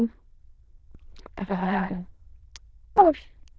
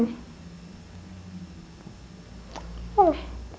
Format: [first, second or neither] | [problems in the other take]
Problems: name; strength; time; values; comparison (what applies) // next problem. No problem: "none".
second | noise reduction (neural diffusion model UNIVERSE++)